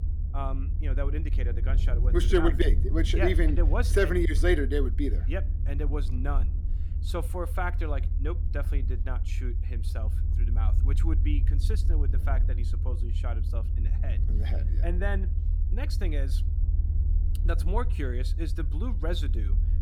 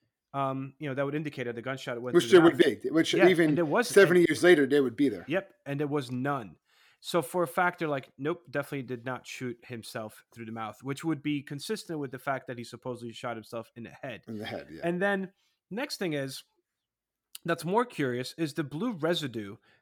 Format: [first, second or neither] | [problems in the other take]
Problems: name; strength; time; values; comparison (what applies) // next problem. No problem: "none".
second | low rumble; noticeable; throughout; 15 dB below the speech